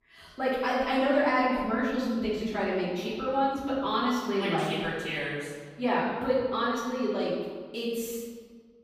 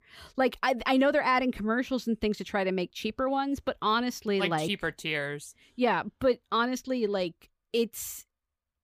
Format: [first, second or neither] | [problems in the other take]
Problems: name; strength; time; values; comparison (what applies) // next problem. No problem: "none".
second | off-mic speech; far // room echo; noticeable; dies away in 1.4 s